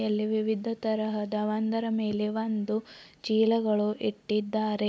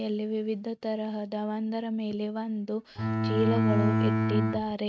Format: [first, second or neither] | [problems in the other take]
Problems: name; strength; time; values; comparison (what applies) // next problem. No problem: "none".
first | noise reduction (neural mask model RNNoise)